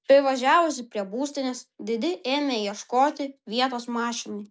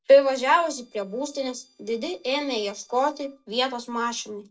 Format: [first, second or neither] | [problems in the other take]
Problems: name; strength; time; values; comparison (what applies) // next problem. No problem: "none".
first | noise reduction (neural separator model SepFormer DNS4)